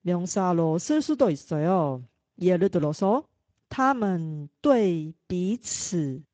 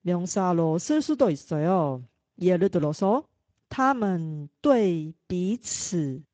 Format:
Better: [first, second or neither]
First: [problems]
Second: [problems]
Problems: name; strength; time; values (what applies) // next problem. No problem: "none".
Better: neither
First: garbled, watery; slightly; nothing above 7.5 kHz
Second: garbled, watery; slightly; nothing above 7.5 kHz